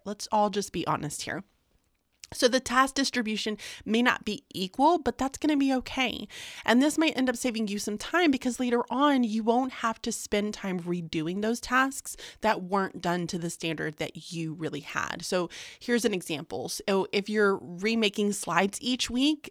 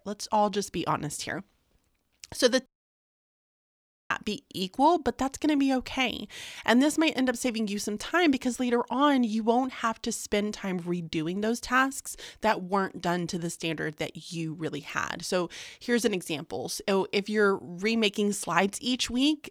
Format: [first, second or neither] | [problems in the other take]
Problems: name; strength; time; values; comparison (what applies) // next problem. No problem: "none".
first | audio cutting out; at 2.5 s for 1.5 s